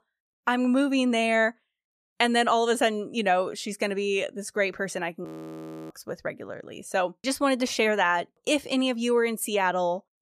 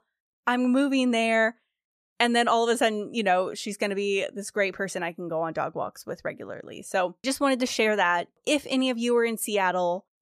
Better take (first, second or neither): second